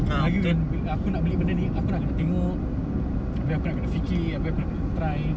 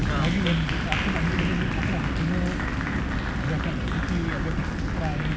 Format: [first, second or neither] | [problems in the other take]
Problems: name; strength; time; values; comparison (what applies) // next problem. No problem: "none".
first | background sound (Applause); 8 dB below the speech